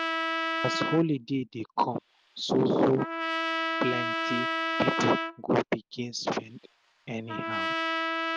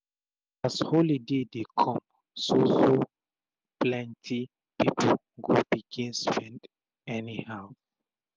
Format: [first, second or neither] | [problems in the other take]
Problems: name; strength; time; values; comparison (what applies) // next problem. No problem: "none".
second | background sound (Trumpet); 2 dB below the speech